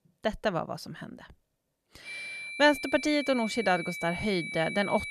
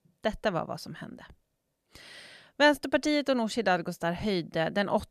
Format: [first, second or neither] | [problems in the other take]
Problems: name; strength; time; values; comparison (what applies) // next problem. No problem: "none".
second | high-pitched whine; loud; from 2 s on; 2.5 kHz, 8 dB below the speech